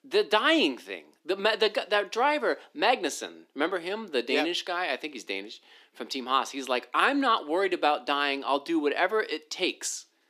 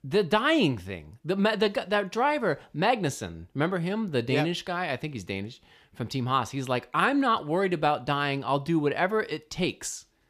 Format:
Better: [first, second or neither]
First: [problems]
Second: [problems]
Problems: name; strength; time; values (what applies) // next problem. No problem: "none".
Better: second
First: thin; very slightly; fading below 250 Hz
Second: none